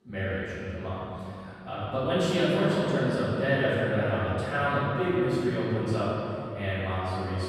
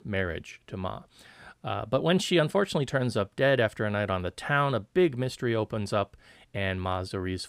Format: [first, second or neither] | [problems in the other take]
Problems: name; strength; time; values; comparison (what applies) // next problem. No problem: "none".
second | off-mic speech; far // room echo; strong; dies away in 2.8 s